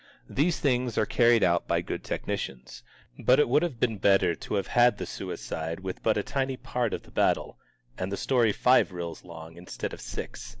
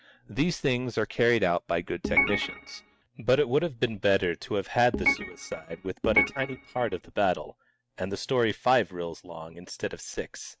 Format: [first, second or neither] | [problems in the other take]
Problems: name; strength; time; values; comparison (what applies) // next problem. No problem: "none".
first | noise reduction (neural mask model RNNoise)